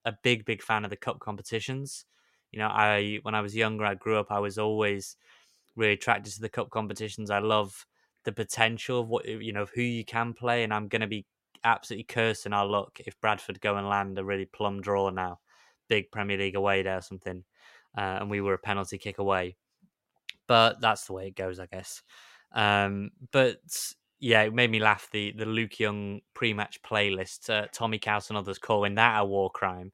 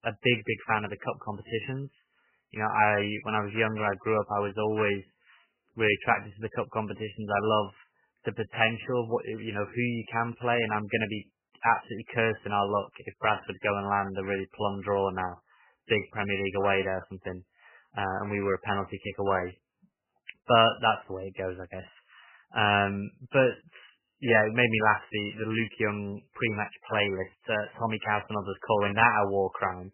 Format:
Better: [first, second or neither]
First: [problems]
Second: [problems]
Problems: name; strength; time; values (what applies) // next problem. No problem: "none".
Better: first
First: none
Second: garbled, watery; badly; nothing above 3 kHz